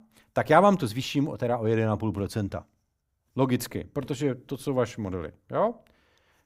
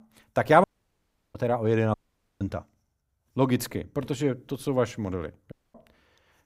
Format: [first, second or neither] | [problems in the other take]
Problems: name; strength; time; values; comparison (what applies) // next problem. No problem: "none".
first | audio cutting out; at 0.5 s for 0.5 s, at 2 s and at 5.5 s